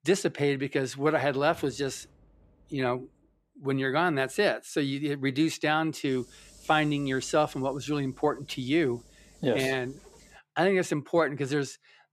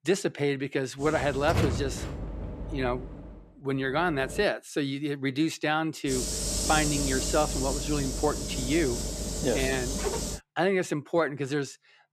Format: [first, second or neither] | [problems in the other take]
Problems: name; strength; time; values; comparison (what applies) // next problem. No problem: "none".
first | hiss; loud; from 1 to 4.5 s and from 6 to 10 s; 3 dB below the speech; faint in the first